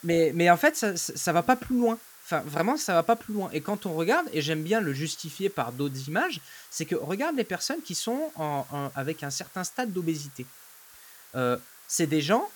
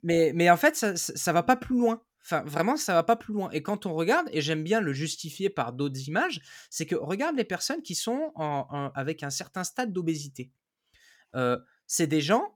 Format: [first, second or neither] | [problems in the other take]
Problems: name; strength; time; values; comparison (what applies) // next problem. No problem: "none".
second | hiss; faint; throughout; 20 dB below the speech